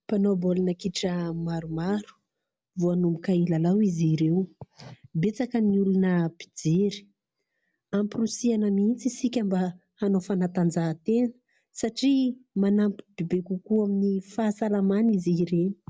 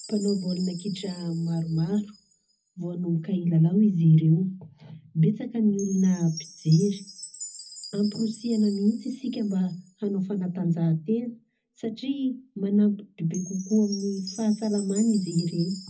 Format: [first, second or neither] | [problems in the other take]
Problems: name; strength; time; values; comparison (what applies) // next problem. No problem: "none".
first | background sound (Chime); 19 dB below the speech // room echo; dies away in 0.4 s